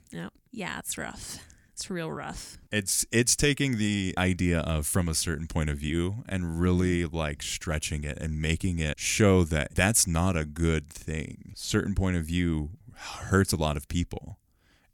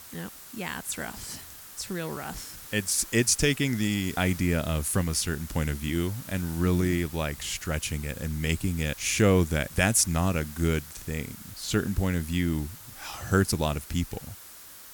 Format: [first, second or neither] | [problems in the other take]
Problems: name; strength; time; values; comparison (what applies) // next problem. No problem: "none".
first | hiss; noticeable; throughout; 15 dB below the speech